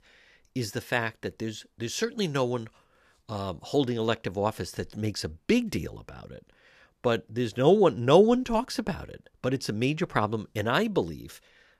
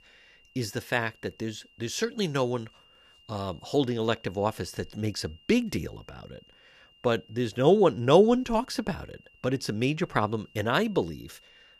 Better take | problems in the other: first | high-pitched whine; faint; throughout; 3 kHz, 30 dB below the speech

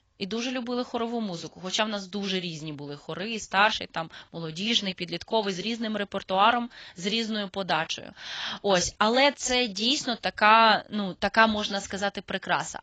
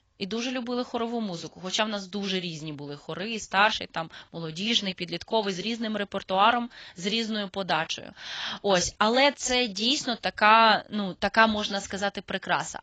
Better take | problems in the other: neither | garbled, watery; badly; nothing above 7.5 kHz; the same in both

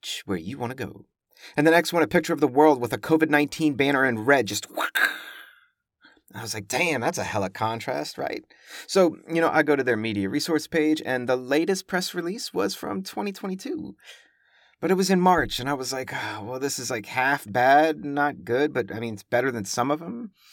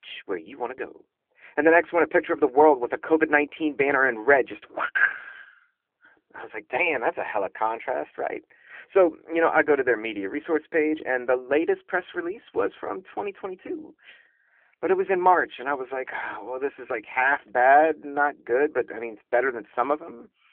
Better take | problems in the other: first | phone-call audio

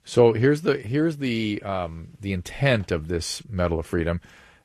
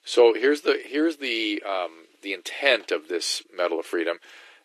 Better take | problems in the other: first | thin; somewhat; fading below 300 Hz

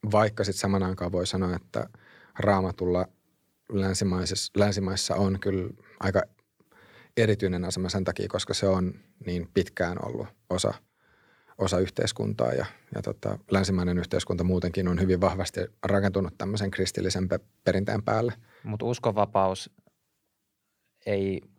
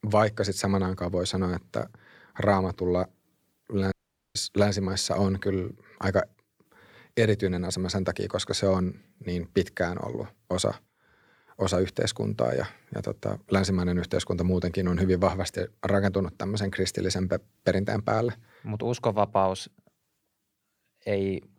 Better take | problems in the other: first | audio cutting out; at 4 s

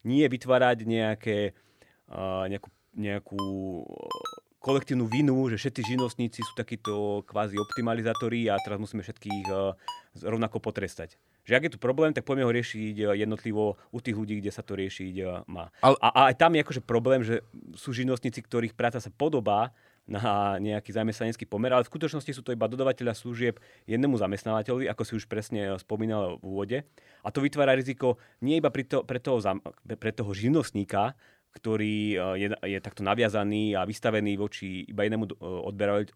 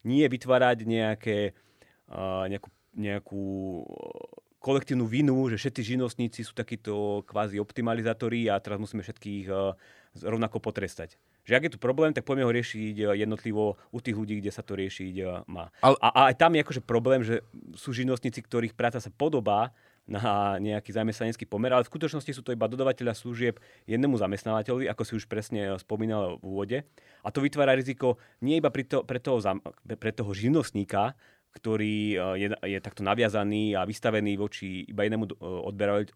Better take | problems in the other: second | phone ringing; noticeable; from 3.5 to 10 s; peak 9 dB below the speech

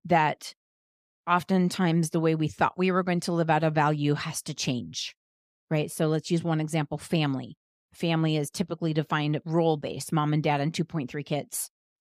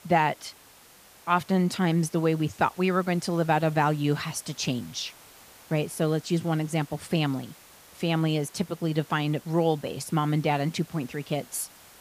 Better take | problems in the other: first | hiss; faint; throughout; 25 dB below the speech

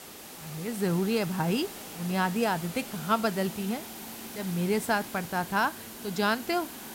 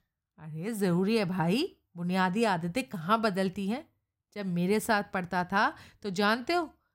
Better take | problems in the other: second | hiss; noticeable; throughout; 10 dB below the speech

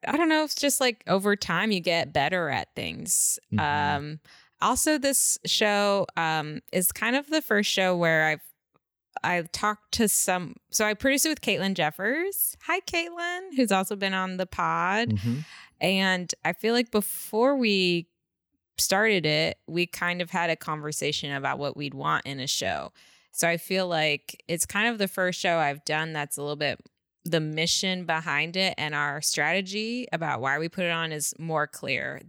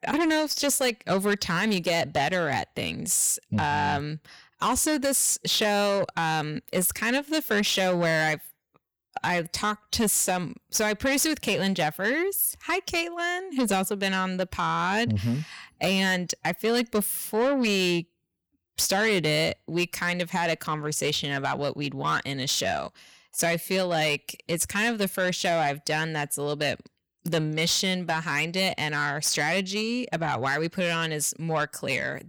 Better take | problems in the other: first | distortion; slight; 10 dB below the speech

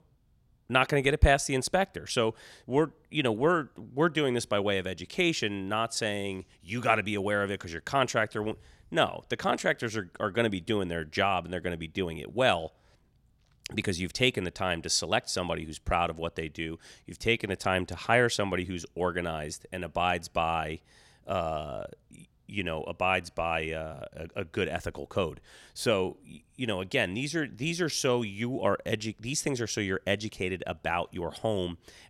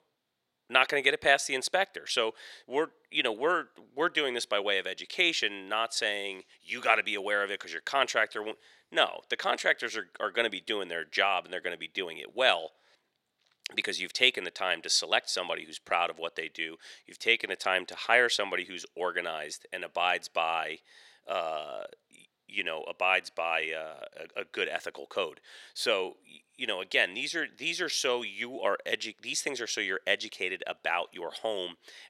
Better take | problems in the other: first | thin; somewhat; fading below 450 Hz

